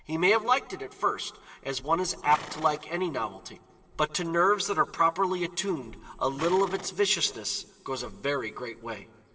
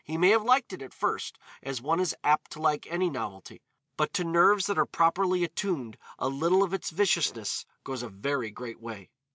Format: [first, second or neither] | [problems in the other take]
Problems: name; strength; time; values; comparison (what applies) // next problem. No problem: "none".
second | background sound (Livestock, farm animals, working animals); 19 dB below the speech // room echo; dies away in 2.9 s